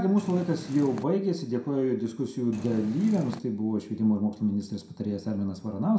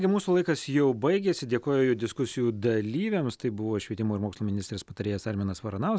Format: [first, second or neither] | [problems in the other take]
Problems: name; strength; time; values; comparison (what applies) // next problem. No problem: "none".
second | background sound (Purr); 12 dB below the speech // room echo; dies away in 0.5 s